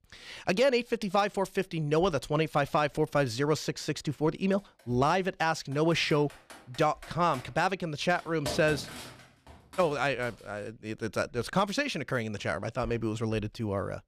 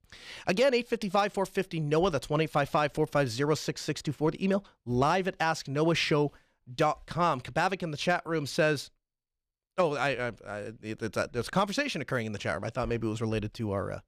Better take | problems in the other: second | keyboard typing; noticeable; from 5.5 to 10 s; peak 7 dB below the speech

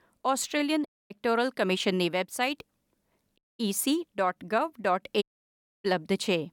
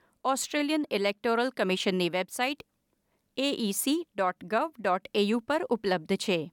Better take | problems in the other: second | audio cutting out; at 1 s, at 3.5 s and at 5 s for 0.5 s

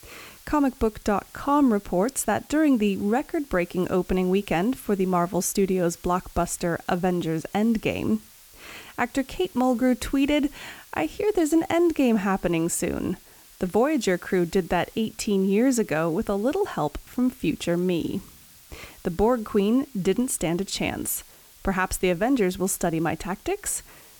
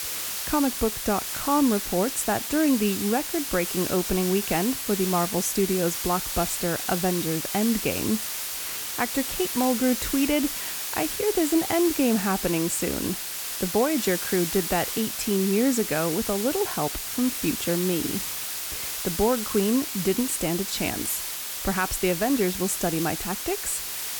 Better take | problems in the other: first | hiss; loud; throughout; 3 dB below the speech; faint in the first

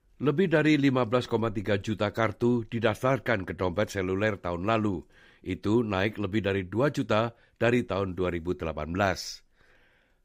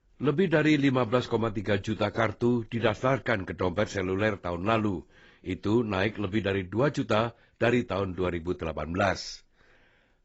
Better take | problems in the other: first | garbled, watery; badly; nothing above 7.5 kHz

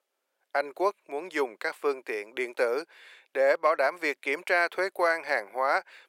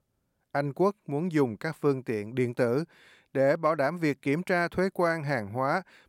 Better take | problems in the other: second | thin; very; fading below 450 Hz

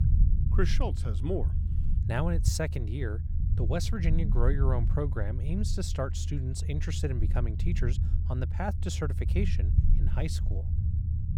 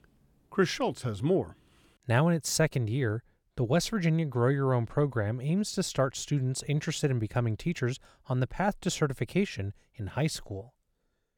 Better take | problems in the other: second | low rumble; loud; throughout; 9 dB below the speech

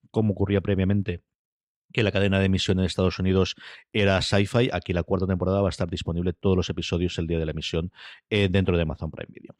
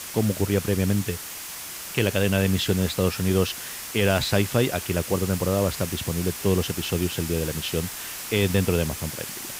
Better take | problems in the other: first | hiss; loud; throughout; 8 dB below the speech

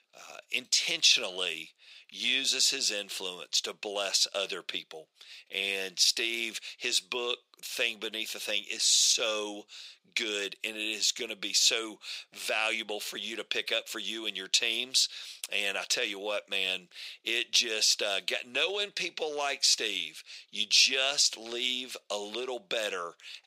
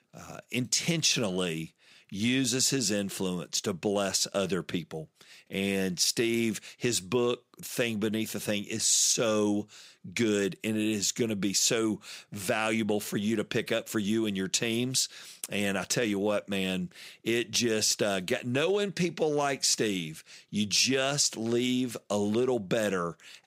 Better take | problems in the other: second | thin; very; fading below 600 Hz

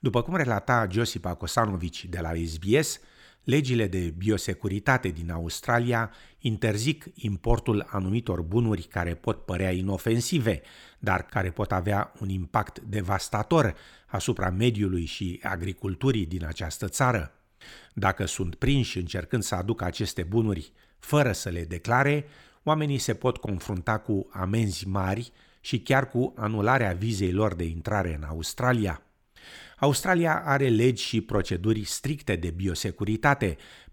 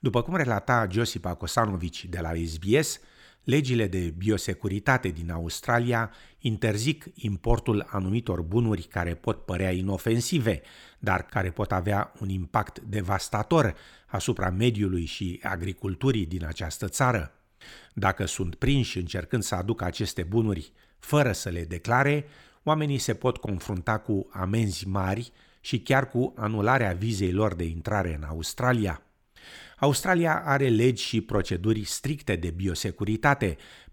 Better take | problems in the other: neither | none

